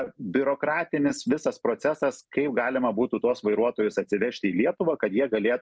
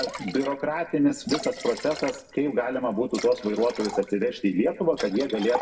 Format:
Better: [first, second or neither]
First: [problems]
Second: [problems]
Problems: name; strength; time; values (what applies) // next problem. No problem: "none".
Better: first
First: none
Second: background sound (Liquid); 13 dB below the speech // room echo; dies away in 0.6 s